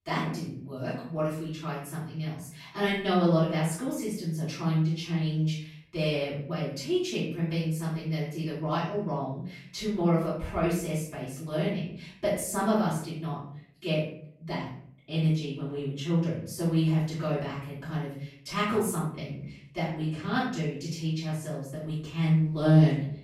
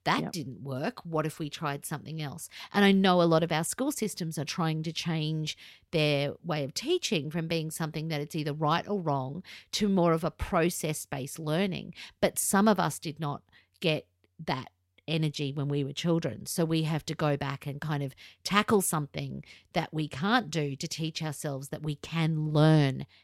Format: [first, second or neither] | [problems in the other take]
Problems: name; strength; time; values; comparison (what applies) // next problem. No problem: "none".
second | room echo; noticeable; dies away in 0.6 s // off-mic speech; far